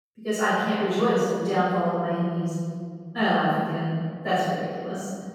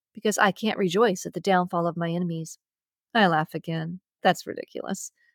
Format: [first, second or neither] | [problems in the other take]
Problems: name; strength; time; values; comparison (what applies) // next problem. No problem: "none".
second | off-mic speech; far // room echo; strong; dies away in 2.3 s